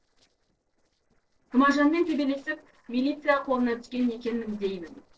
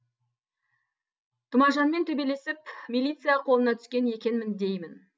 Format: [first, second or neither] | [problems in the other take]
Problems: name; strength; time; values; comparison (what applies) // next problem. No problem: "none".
second | noise reduction (neural separator model SepFormer DNS4)